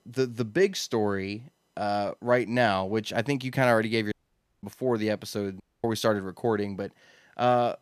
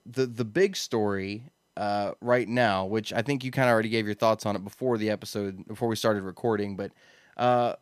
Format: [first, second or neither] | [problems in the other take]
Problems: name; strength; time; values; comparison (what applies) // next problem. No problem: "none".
second | audio cutting out; at 4 s for 0.5 s and at 5.5 s